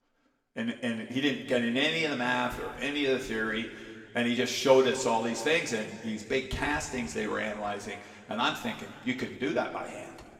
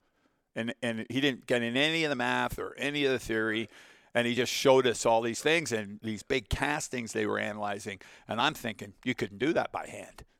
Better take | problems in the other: second | room echo; slight; dies away in 1.8 s // off-mic speech; somewhat distant

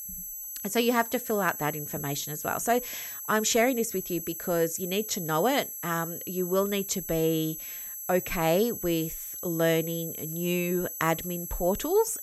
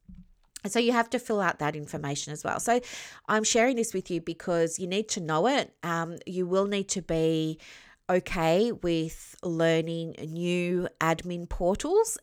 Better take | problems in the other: second | high-pitched whine; loud; throughout; 11.5 kHz, 7 dB below the speech

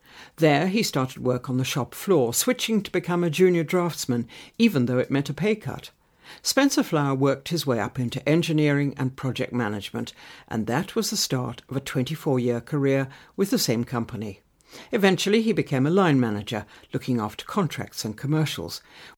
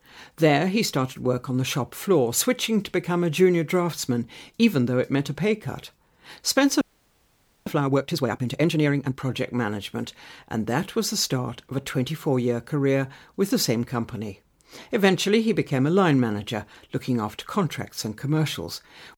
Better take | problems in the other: first | audio freezing; at 7 s for 1 s

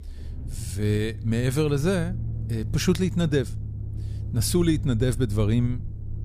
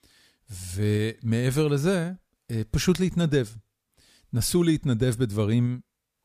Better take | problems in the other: second | low rumble; noticeable; throughout; 15 dB below the speech

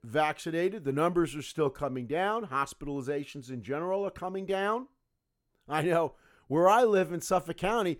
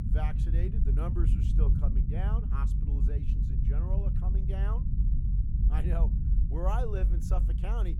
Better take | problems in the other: first | low rumble; loud; throughout; 3 dB below the speech

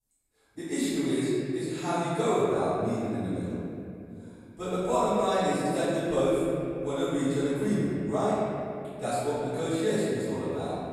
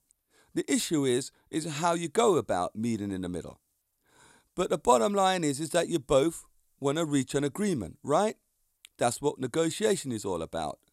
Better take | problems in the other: second | off-mic speech; far // room echo; strong; dies away in 3 s

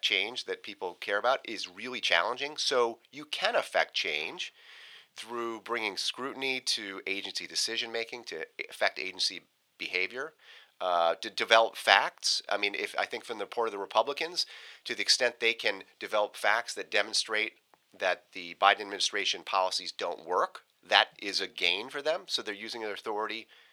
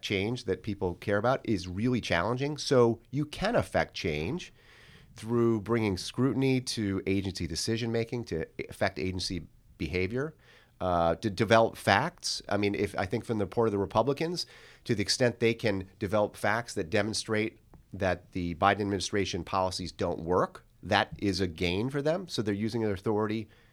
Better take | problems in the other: second | thin; very; fading below 700 Hz

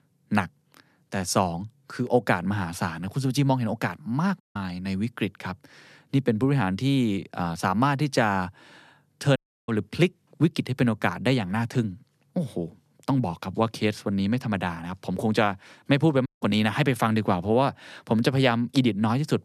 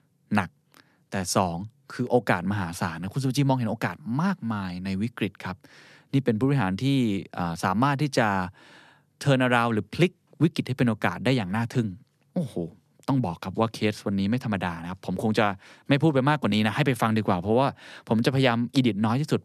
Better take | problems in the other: second | audio cutting out; at 4.5 s, at 9.5 s and at 16 s

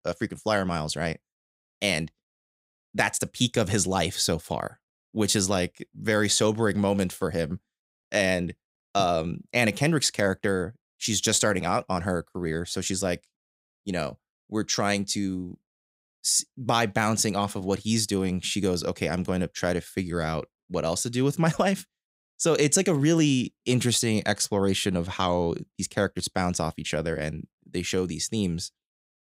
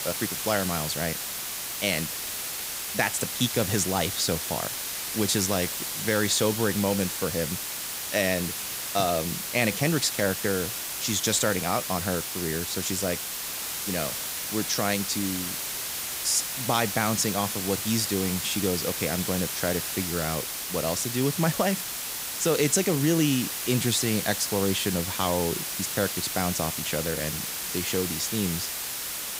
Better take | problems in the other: first | hiss; loud; throughout; 2 dB below the speech

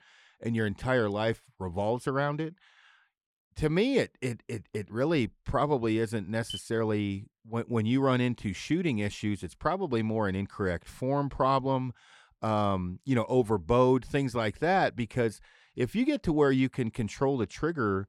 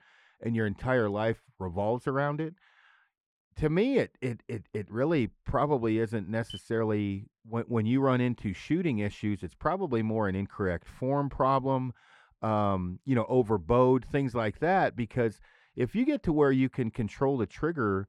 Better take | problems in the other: first | muffled; slightly; fading above 3 kHz

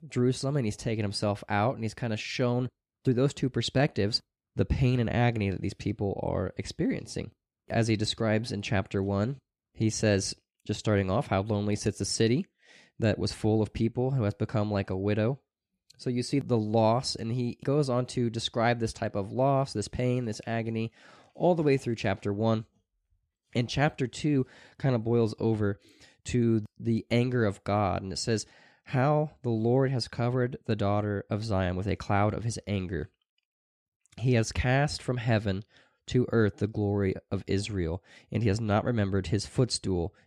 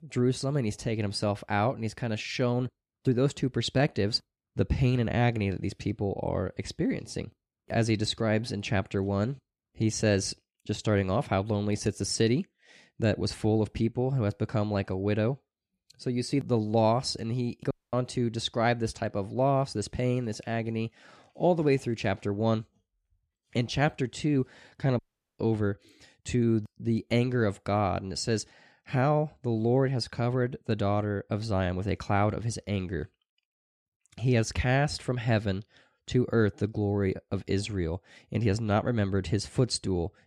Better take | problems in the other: first | audio cutting out; at 18 s and at 25 s

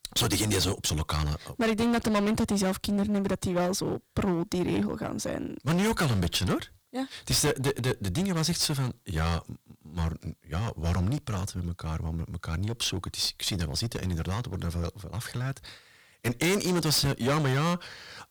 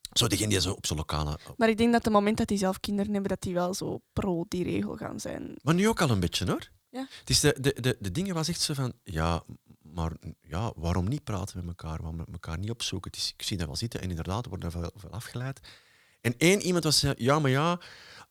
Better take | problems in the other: second | distortion; heavy; 12% of the sound clipped

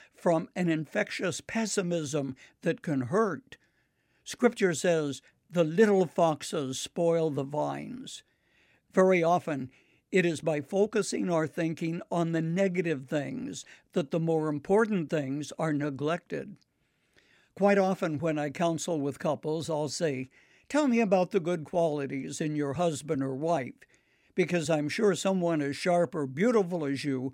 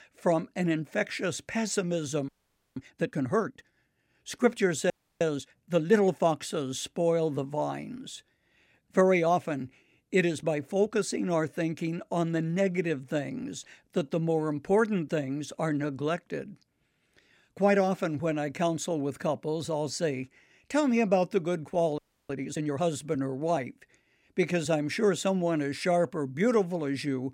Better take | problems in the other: first | audio freezing; at 2.5 s, at 5 s and at 22 s

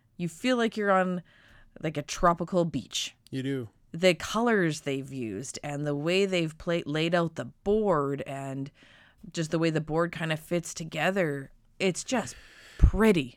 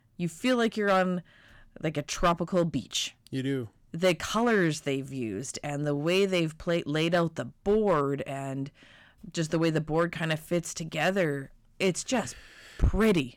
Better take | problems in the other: first | distortion; slight; 2% of the sound clipped

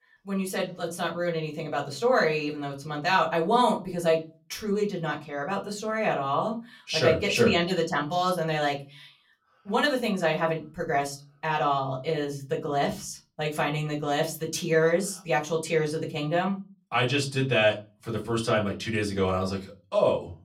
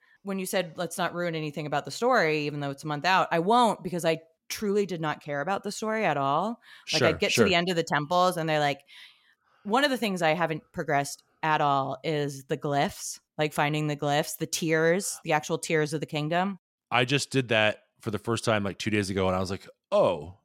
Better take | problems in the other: second | off-mic speech; far // room echo; very slight; dies away in 0.3 s

